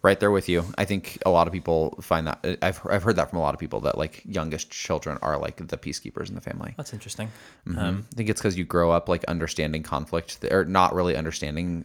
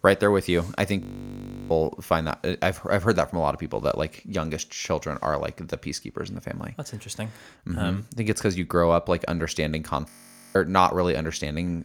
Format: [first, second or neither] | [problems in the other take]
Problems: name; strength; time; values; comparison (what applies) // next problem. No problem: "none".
first | audio freezing; at 1 s for 0.5 s and at 10 s